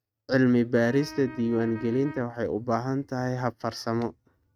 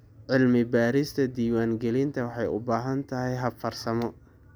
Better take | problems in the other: second | noise reduction (neural mask model RNNoise)

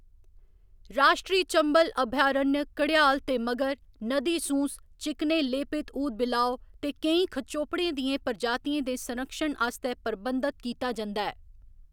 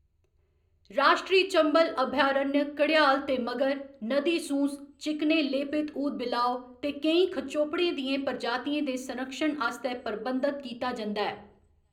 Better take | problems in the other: first | room echo; dies away in 0.5 s

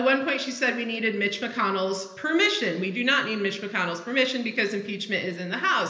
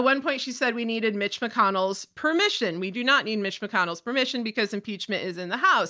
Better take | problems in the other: second | room echo; dies away in 1.4 s

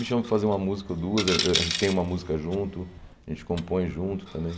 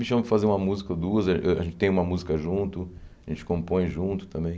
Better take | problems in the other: second | background sound (Coin (dropping)); 7 dB below the speech

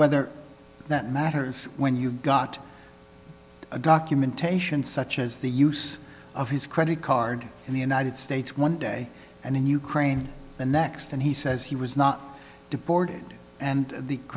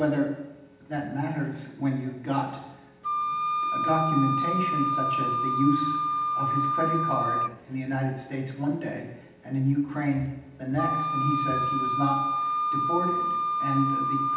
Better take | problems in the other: first | background sound (Wind instrument, woodwind instrument); as loud as the speech // room echo; dies away in 0.8 s

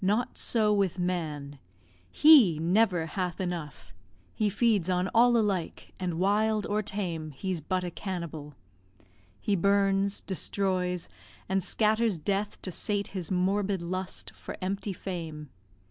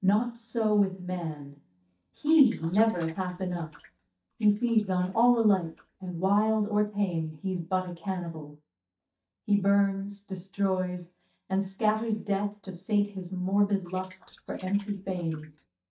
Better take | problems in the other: first | noise reduction (neural mask model DeepFilterNet 3)

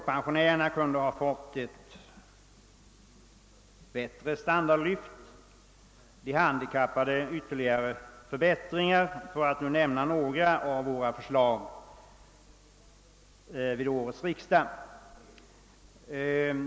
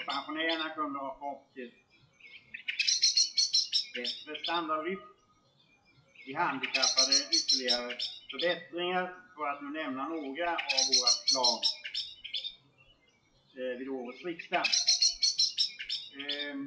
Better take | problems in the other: first | noise reduction (classical method WPE with log-MMSE)

